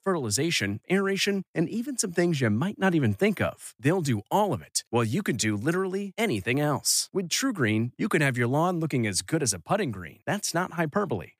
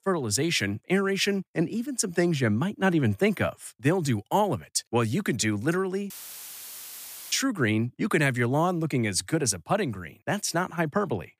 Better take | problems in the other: first | audio cutting out; filled with static; at 6 s for 1 s

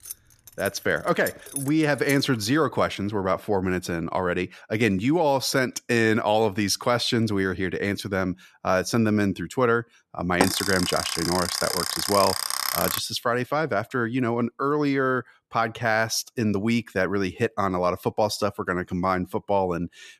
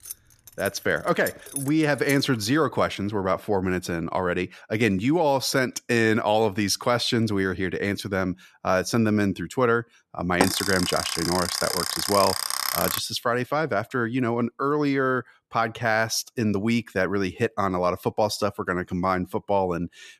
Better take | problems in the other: neither | jangling keys; noticeable; until 2 s; peak 8 dB below the speech; the same in both // alarm; loud; from 10 to 13 s; peak level with the speech; the same in both

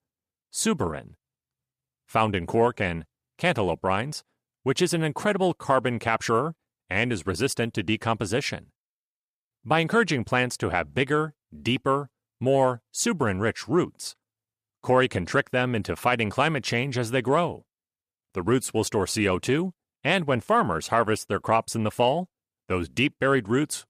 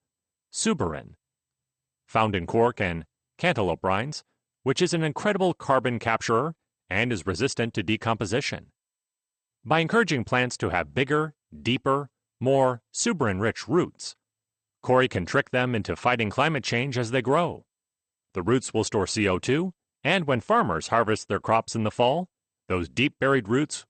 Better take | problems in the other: first | garbled, watery; slightly; nothing above 8.5 kHz

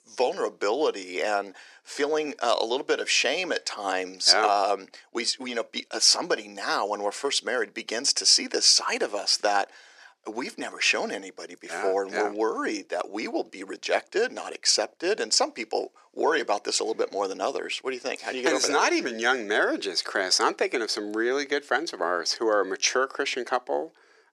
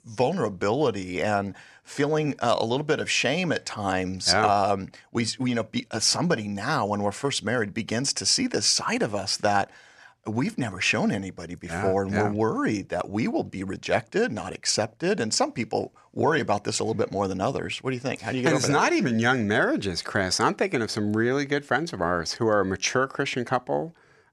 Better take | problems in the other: second | thin; somewhat; fading below 350 Hz

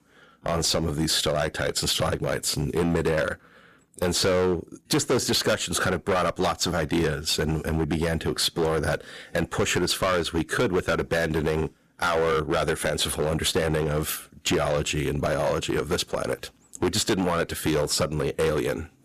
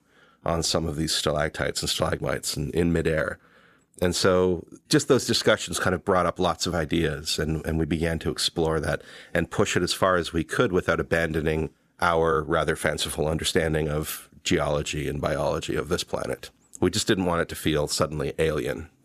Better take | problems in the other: second | distortion; heavy; 11% of the sound clipped

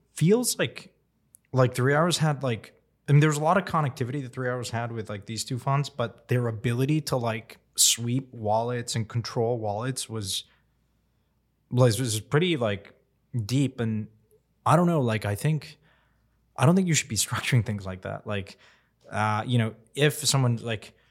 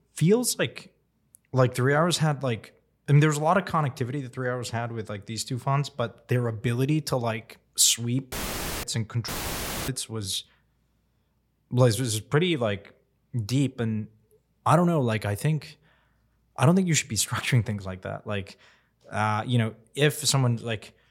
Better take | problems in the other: first | audio cutting out; filled with static; at 8.5 s for 0.5 s and at 9.5 s for 0.5 s

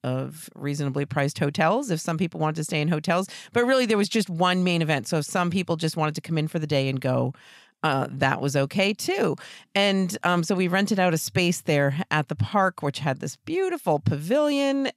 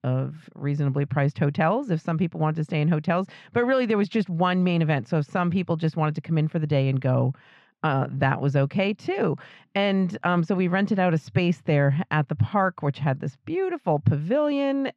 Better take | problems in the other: first | muffled; slightly; fading above 2.5 kHz

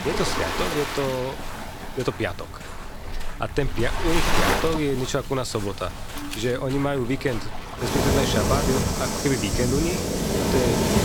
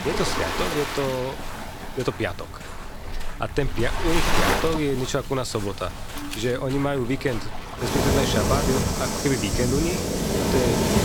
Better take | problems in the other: neither | rain or running water; very loud; throughout; as loud as the speech; the same in both

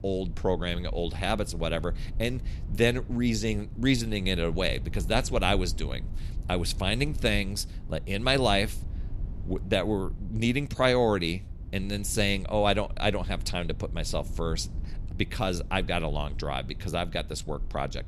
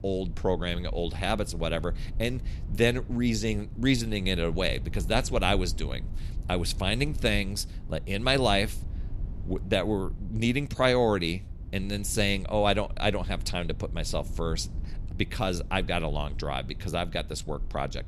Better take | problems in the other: neither | low rumble; faint; throughout; 25 dB below the speech; the same in both

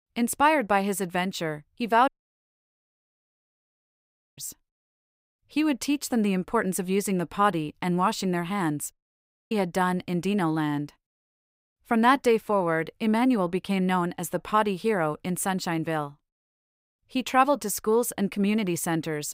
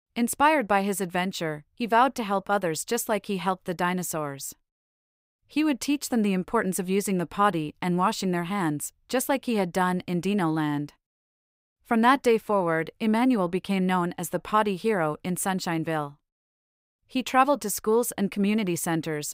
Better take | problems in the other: second | audio cutting out; at 2 s for 2.5 s and at 9 s for 0.5 s

